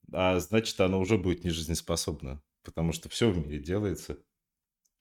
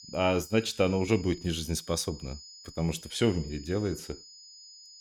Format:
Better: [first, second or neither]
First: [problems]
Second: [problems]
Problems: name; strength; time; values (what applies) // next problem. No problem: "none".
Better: first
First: none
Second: high-pitched whine; noticeable; throughout; 5 kHz, 15 dB below the speech